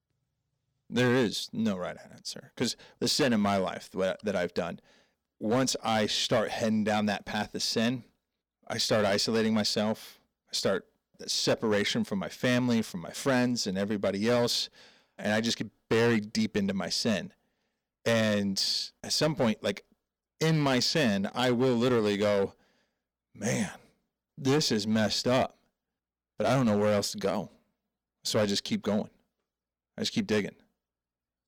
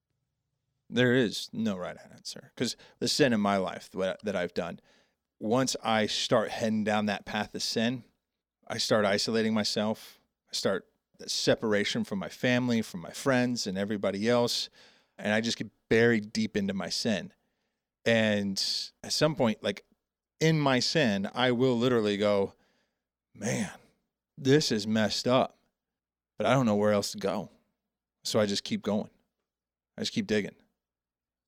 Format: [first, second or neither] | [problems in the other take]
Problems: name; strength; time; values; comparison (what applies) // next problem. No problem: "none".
second | distortion; slight; 5% of the sound clipped